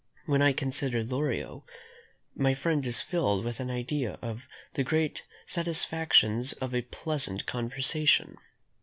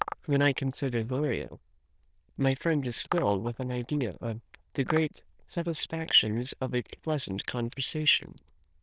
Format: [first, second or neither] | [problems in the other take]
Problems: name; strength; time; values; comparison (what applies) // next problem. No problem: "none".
first | noise reduction (neural diffusion model UNIVERSE++)